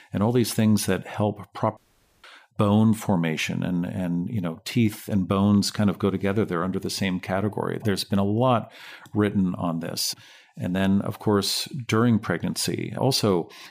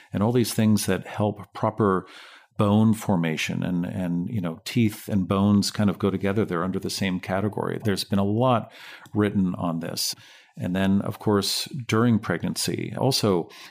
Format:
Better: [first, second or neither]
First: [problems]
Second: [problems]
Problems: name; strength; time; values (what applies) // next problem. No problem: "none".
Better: second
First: audio cutting out; at 2 s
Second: none